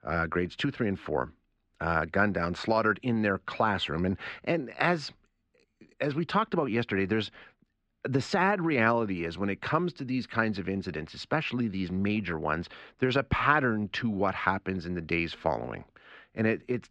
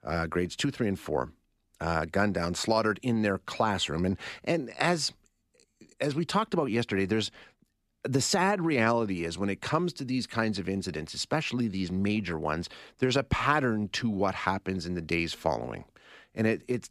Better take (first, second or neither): second